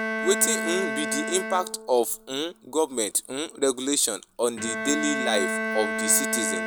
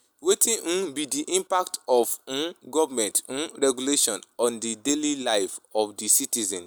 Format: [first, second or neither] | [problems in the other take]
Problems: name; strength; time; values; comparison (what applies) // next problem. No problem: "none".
second | background sound (Bowed string instrument); 4 dB below the speech